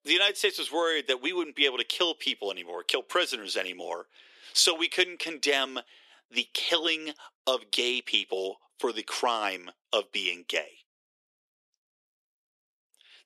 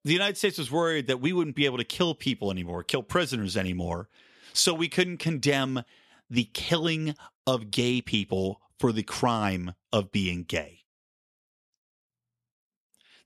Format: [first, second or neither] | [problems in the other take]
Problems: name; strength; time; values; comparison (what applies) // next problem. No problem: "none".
second | thin; very; fading below 350 Hz